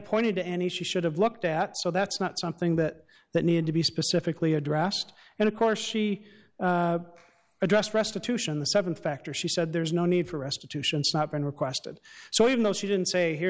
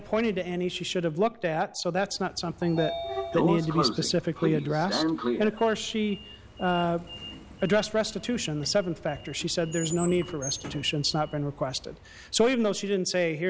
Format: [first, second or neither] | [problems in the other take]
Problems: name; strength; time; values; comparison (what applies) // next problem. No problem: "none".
first | background sound (Sliding door); 8 dB below the speech